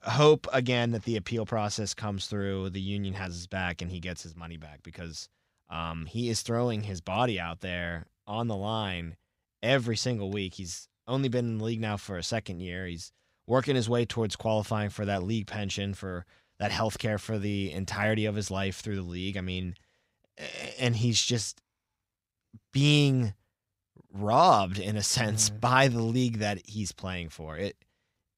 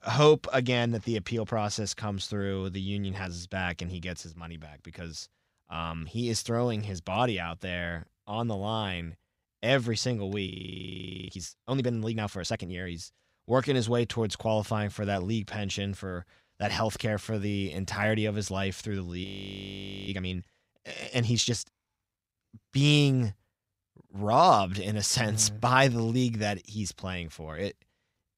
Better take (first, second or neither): first